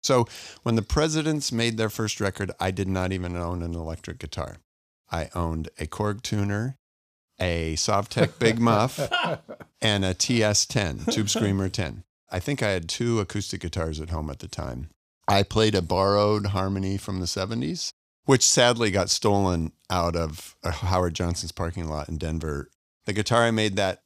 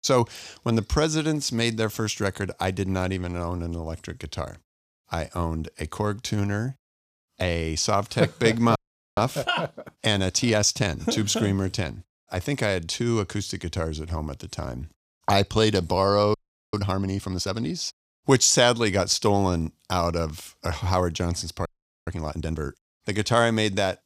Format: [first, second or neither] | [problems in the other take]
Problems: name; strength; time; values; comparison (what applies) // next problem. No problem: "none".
first | audio freezing; at 9 s, at 16 s and at 22 s